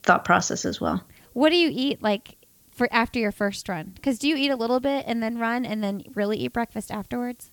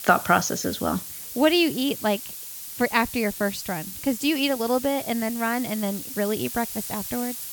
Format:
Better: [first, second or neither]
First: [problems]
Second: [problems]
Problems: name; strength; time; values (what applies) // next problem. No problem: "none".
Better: first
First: hiss; faint; throughout; 30 dB below the speech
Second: hiss; loud; throughout; 8 dB below the speech